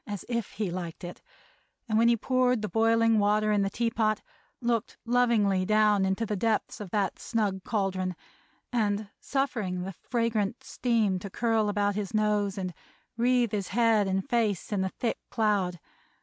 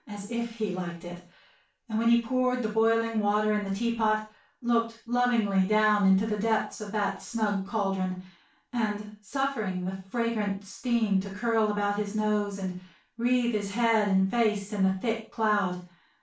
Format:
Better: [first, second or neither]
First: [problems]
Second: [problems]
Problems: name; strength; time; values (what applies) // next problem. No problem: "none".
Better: first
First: none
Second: room echo; dies away in 0.3 s